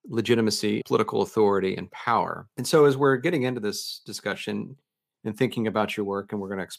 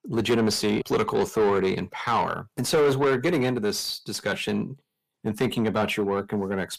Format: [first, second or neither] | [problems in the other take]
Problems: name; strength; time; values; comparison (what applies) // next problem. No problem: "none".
first | distortion; heavy; 8 dB below the speech